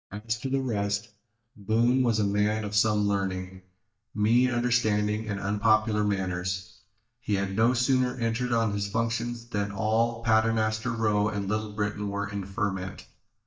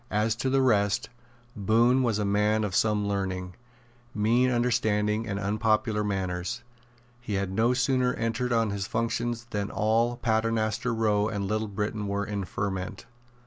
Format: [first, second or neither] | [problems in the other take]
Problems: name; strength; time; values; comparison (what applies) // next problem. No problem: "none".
second | noise reduction (neural mask model DeepFilterNet 3)